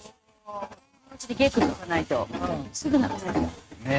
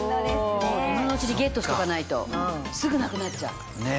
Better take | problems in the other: second | noise reduction (neural mask model RNNoise)

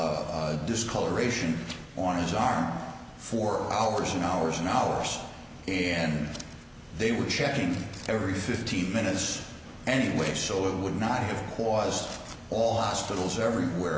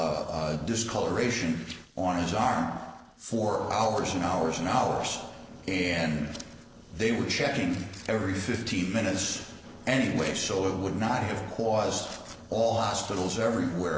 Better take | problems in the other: first | noise reduction (neural separator model SepFormer DNS4)

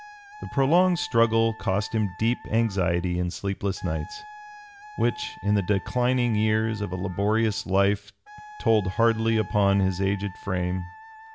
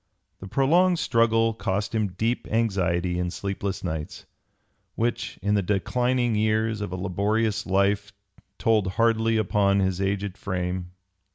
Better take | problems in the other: second | background sound (Wind instrument, woodwind instrument); 19 dB below the speech

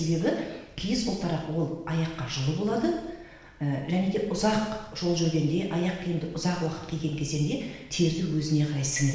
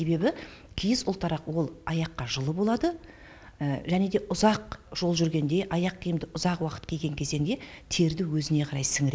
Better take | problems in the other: second | room echo; dies away in 0.9 s

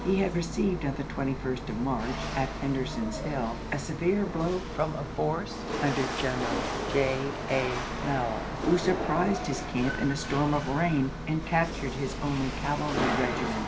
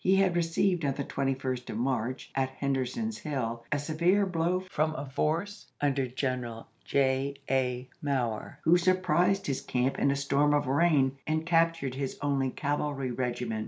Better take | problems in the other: second | background sound (Rattle / Chatter / Hiss / Engine / Mechanisms); 4 dB below the speech

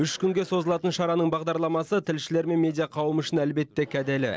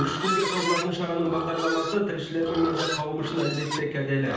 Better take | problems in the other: first | background sound (Livestock, farm animals, working animals); 5 dB below the speech // room echo; dies away in 0.9 s

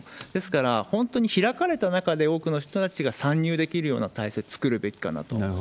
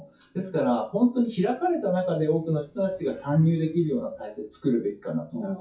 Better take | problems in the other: first | noise reduction (classical method WPE with log-MMSE)

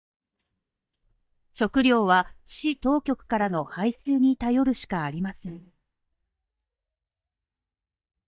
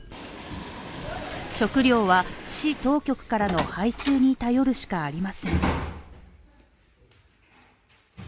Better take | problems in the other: second | noise reduction (neural mask model DeepFilterNet 3)

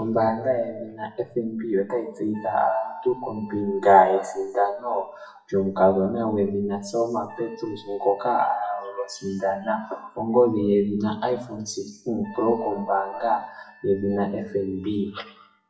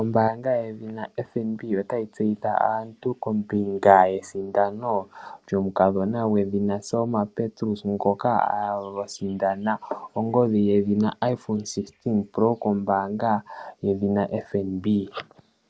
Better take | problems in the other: second | noise reduction (classical method WPE with log-MMSE)

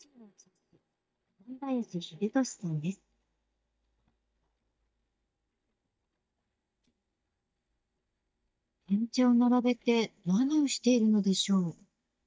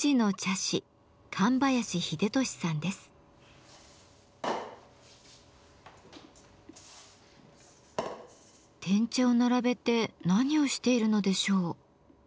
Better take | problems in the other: second | noise reduction (neural mask model DeepFilterNet 3)

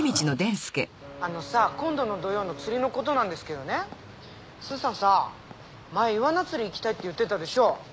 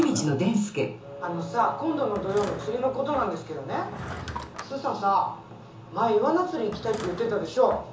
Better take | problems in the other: first | background sound (Drawer open or close / Wood); 16 dB below the speech // room echo; dies away in 0.8 s

